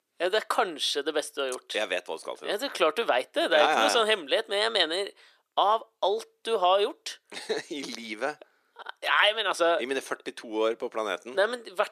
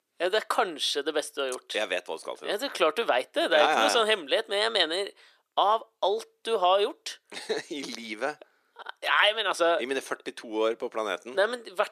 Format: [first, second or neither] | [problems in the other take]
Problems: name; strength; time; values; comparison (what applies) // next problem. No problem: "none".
neither | thin; very; fading below 350 Hz; the same in both